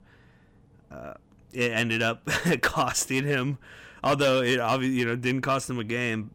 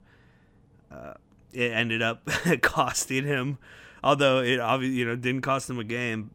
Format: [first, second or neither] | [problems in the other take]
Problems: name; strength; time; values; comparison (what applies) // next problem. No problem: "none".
second | distortion; slight; 4% of the sound clipped